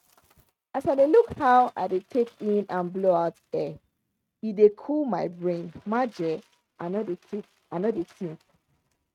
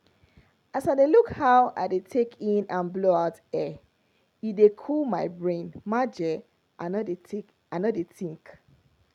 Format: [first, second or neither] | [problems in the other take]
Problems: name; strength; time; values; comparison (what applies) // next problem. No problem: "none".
second | noise reduction (neural mask model RNNoise)